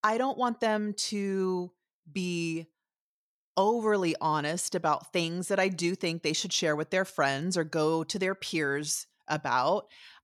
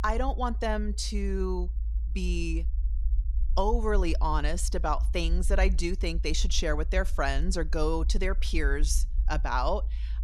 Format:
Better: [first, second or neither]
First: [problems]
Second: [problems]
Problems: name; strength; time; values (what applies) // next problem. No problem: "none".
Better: first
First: none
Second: low rumble; faint; throughout; 20 dB below the speech